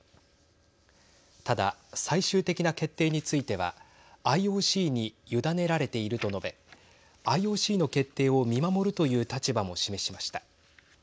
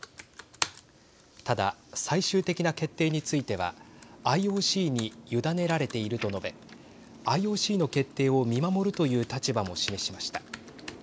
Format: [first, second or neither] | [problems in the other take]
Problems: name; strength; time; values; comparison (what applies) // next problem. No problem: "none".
first | background sound (Computer keyboard); 16 dB below the speech